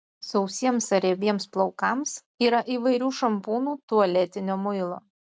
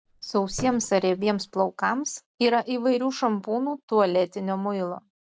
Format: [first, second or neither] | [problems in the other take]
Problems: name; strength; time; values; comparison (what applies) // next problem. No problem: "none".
first | background sound (Thump, thud); 16 dB below the speech